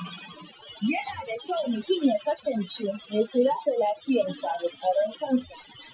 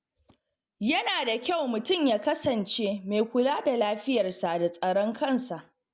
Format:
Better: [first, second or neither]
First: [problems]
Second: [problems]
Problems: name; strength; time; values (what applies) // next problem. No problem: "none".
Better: second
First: noise reduction (classical method Wiener filter)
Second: none